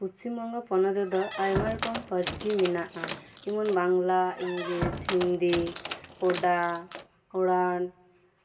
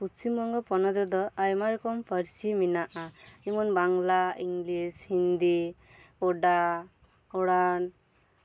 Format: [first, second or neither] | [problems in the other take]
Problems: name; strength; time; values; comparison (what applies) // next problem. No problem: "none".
second | background sound (Squeak); 8 dB below the speech // room echo; dies away in 0.8 s